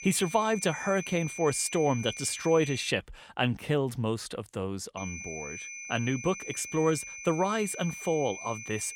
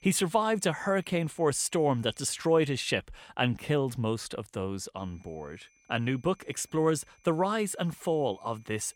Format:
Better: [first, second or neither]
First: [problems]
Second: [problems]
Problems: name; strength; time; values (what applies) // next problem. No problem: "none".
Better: second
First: high-pitched whine; loud; until 3 s and from 5 s on; 2.5 kHz, 10 dB below the speech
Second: high-pitched whine; faint; until 3 s and from 5 s on; 2.5 kHz, 35 dB below the speech